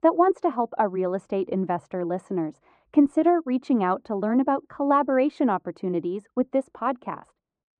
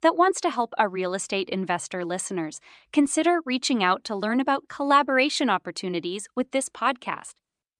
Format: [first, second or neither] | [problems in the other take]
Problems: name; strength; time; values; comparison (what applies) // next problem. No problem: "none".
second | muffled; very; fading above 2 kHz